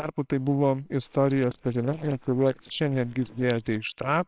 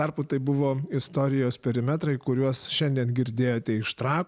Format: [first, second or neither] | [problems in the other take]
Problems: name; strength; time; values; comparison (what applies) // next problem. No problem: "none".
second | noise reduction (neural separator model SepFormer WHAMR!)